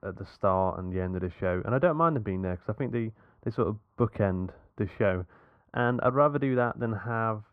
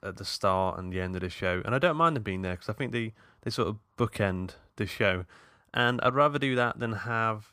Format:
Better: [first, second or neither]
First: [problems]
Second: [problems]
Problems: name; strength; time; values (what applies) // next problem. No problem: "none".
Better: second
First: muffled; very; fading above 3 kHz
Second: none